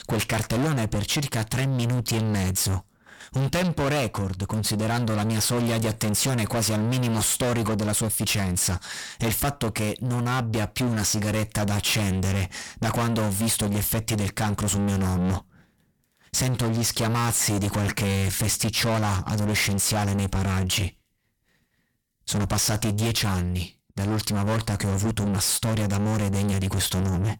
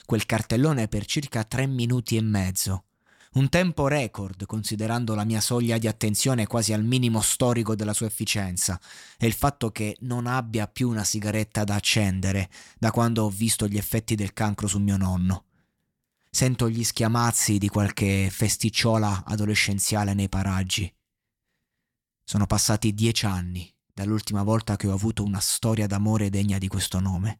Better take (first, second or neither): second